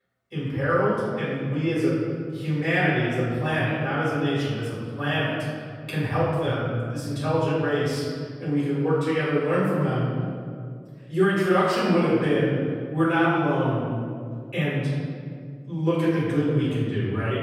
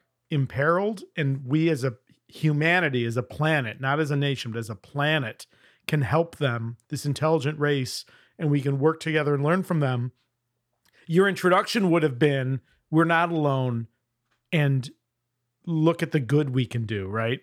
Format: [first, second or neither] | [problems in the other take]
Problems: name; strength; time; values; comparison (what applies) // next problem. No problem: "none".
second | room echo; strong; dies away in 2 s // off-mic speech; far